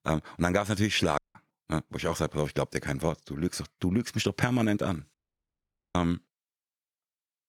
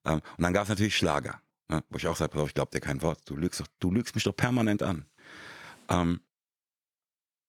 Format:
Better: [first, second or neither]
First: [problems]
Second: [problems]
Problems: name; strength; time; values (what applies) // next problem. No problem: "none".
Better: second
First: audio cutting out; at 1 s and at 5 s for 1 s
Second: none